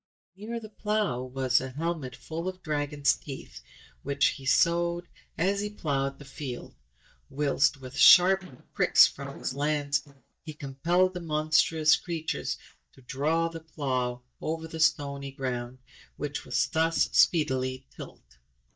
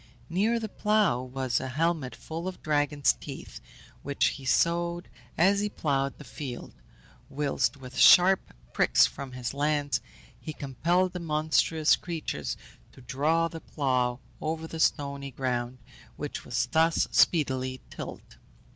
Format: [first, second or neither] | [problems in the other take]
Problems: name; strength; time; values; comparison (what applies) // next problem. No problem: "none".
second | noise reduction (neural mask model DeepFilterNet 3)